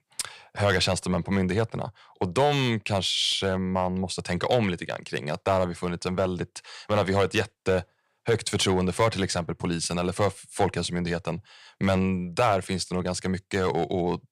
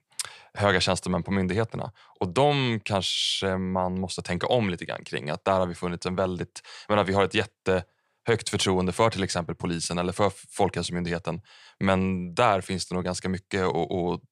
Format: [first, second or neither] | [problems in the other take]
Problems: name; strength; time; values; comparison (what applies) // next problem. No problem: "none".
second | distortion; slight; 1.4% of the sound clipped